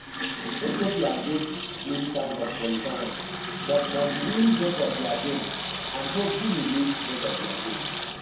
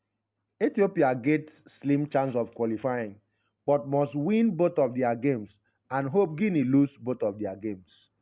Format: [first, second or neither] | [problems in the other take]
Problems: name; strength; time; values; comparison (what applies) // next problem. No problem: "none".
second | background sound (Sink (filling or washing) / Water tap, faucet); 4 dB below the speech // room echo; dies away in 0.7 s